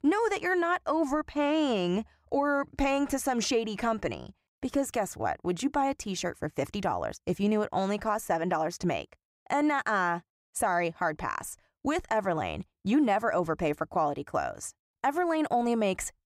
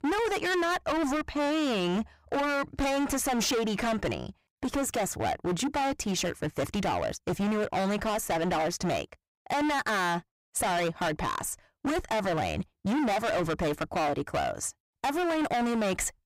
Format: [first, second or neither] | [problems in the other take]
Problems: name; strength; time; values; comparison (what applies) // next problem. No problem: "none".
first | distortion; heavy; 29% of the sound clipped